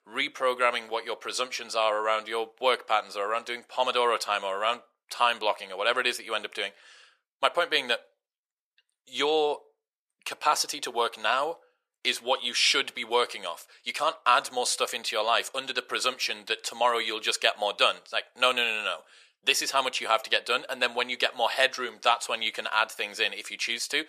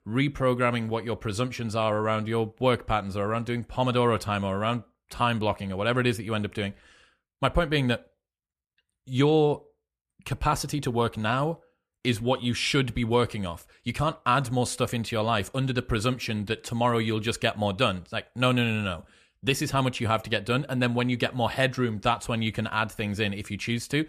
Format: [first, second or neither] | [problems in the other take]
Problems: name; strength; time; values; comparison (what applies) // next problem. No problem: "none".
second | thin; very; fading below 500 Hz